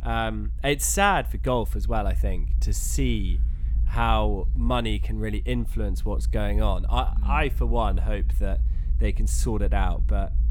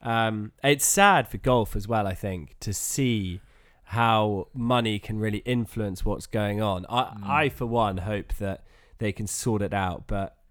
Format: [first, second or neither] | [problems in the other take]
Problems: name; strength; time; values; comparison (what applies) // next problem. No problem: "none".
second | low rumble; faint; throughout; 20 dB below the speech